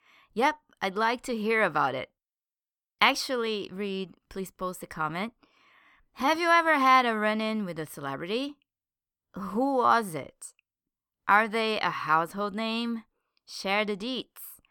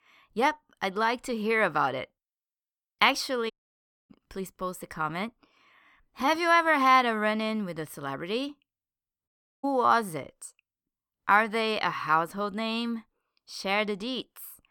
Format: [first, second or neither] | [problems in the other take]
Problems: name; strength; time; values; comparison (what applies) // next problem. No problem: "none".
first | audio cutting out; at 3.5 s for 0.5 s and at 9.5 s